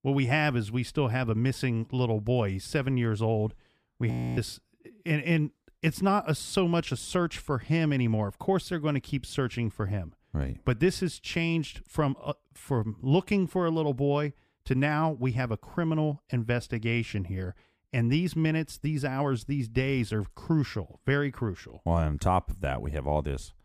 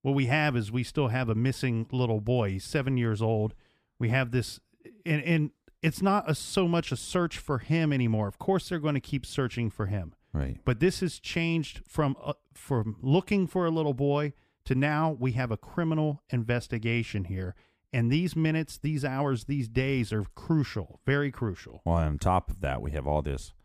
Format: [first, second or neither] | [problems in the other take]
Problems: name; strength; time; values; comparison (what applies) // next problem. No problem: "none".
second | audio freezing; at 4 s